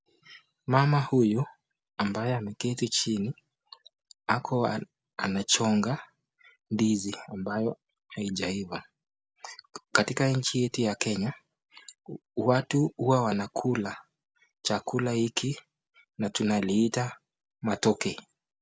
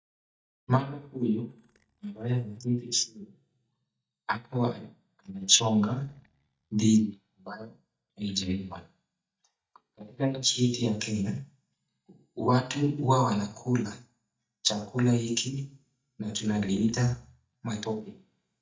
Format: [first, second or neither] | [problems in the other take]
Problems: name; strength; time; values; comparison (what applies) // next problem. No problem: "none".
first | noise reduction (neural mask model DeepFilterNet 3)